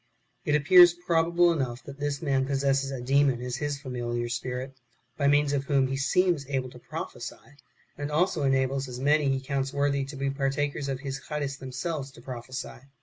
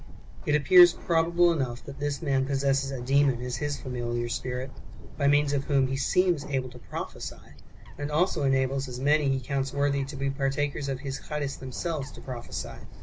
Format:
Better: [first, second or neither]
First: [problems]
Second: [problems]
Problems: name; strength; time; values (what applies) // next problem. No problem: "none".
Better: first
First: none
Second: background sound (Bird); 9 dB below the speech